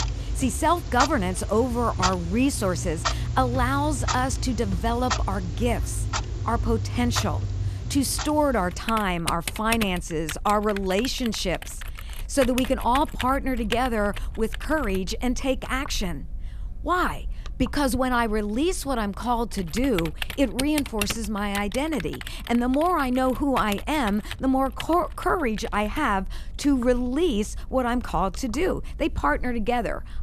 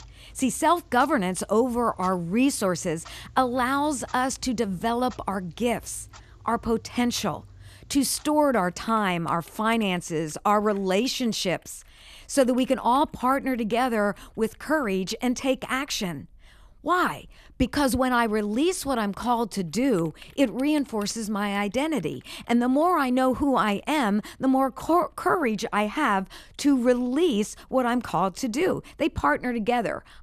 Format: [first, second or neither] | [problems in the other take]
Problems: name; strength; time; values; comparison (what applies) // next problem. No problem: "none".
second | household noises; loud; throughout; 7 dB below the speech; faint in the second